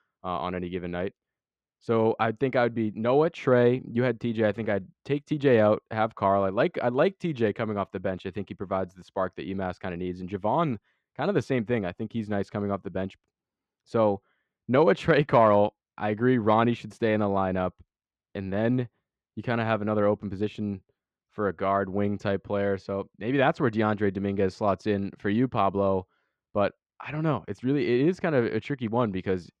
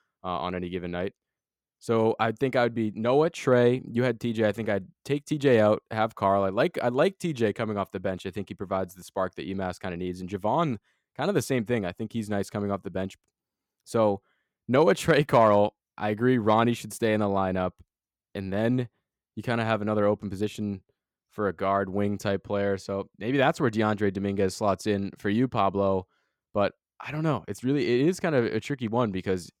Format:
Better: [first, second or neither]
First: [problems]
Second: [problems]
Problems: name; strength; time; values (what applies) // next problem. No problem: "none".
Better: second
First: muffled; slightly; fading above 3.5 kHz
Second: none